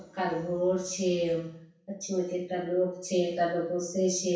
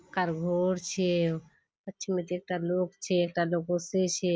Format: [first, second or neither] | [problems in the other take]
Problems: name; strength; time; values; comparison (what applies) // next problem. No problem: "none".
second | room echo; dies away in 0.7 s